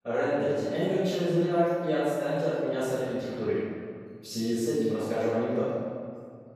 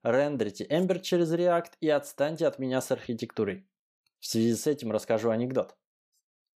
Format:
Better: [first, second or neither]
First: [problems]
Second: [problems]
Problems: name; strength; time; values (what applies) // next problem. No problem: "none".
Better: second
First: off-mic speech; far // room echo; strong; dies away in 2 s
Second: none